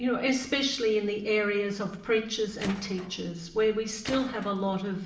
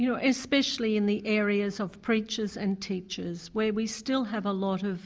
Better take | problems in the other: second | background sound (Tools); 13 dB below the speech // room echo; dies away in 0.7 s

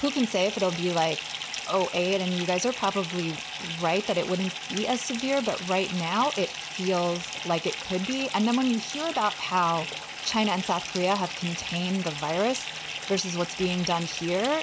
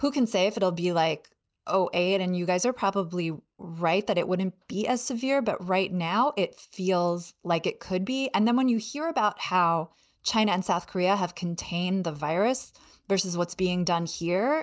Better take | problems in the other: second | background sound (Fill (with liquid) / Bathtub (filling or washing)); 8 dB below the speech

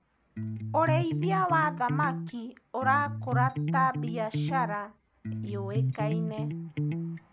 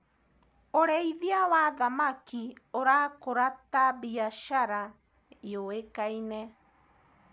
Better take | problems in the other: second | background sound (Electric guitar); as loud as the speech

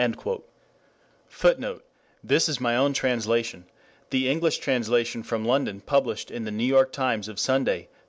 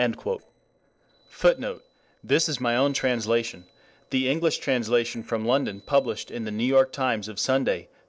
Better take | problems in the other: first | noise reduction (neural separator model SepFormer DNS4)

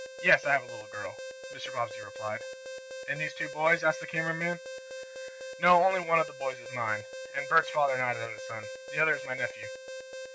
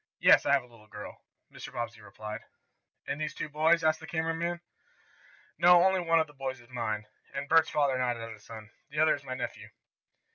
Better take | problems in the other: second | background sound (Alarm); 11 dB below the speech

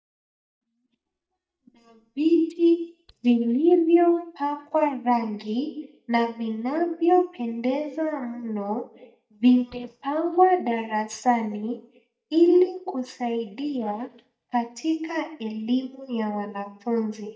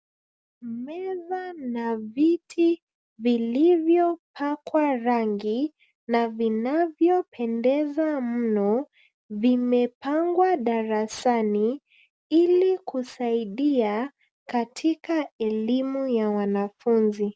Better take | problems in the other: second | noise reduction (neural mask model DeepFilterNet 3)

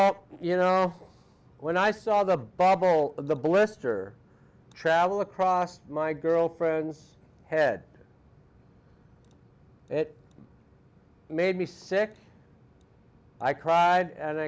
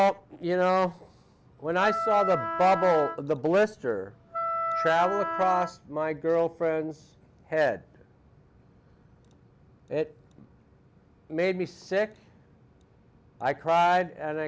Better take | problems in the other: first | background sound (Wind instrument, woodwind instrument); 3 dB below the speech

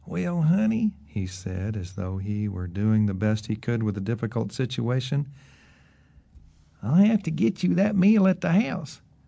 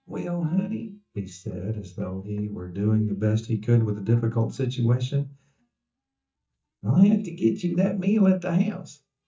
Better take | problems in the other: first | noise reduction (neural mask model DeepFilterNet 3)

